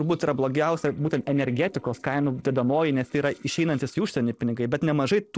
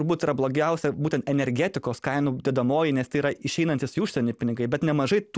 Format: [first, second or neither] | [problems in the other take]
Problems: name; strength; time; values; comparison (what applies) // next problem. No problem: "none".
second | noise reduction (neural separator model SepFormer DNS4)